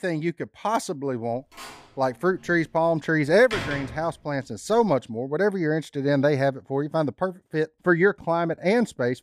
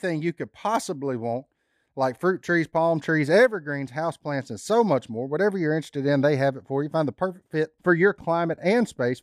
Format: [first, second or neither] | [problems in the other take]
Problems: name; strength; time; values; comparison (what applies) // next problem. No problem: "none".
second | door banging; noticeable; from 1.5 to 5 s; peak 6 dB below the speech